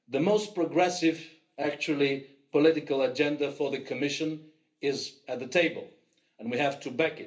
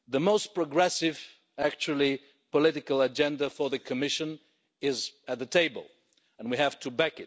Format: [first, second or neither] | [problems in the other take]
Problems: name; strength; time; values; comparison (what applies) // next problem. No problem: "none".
second | room echo; dies away in 0.3 s